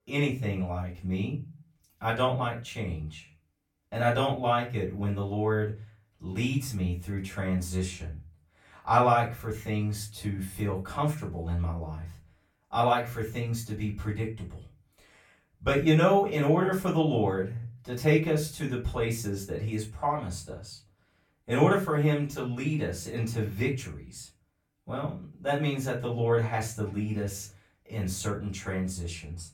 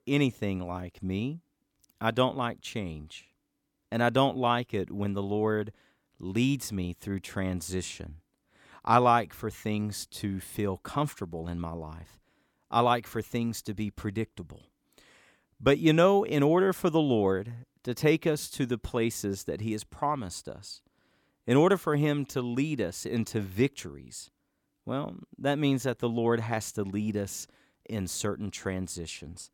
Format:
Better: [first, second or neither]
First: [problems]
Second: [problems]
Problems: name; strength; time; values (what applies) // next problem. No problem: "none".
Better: second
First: room echo; slight; dies away in 0.3 s // off-mic speech; far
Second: none